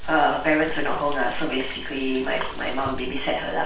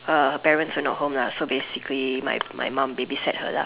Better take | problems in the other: second | background sound (Liquid); 13 dB below the speech // room echo; dies away in 0.3 s

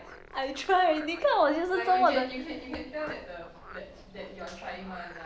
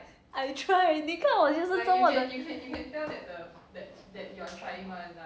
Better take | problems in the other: second | background sound (Frog); 19 dB below the speech

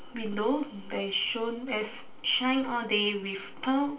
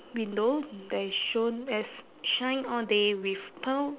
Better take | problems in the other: second | room echo; dies away in 0.3 s

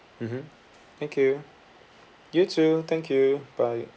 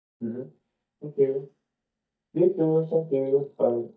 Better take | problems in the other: first | noise reduction (neural mask model DeepFilterNet 3)

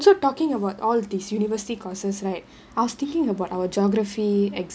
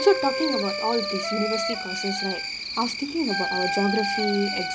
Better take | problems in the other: first | background sound (Cricket + Wind instrument, woodwind instrument); 1 dB below the speech

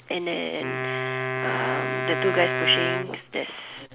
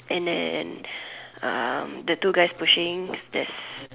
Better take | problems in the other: second | background sound (Wind instrument, woodwind instrument); 1 dB below the speech

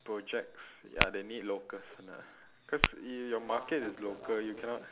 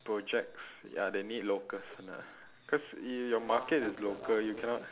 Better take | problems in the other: second | background sound (Tap / Glass); as loud as the speech

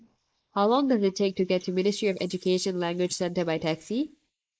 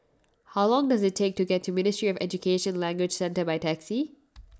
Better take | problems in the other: second | noise reduction (neural mask model Resemble Enhance denoiser)

